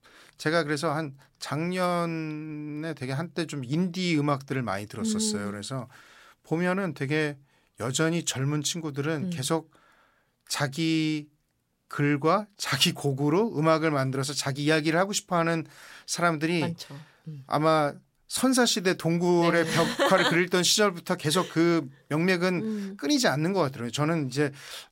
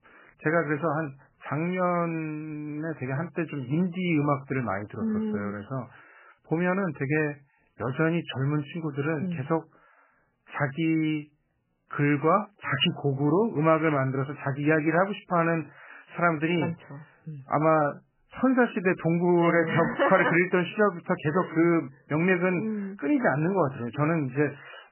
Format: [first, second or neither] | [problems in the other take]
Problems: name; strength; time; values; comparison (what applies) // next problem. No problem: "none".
first | garbled, watery; badly; nothing above 3 kHz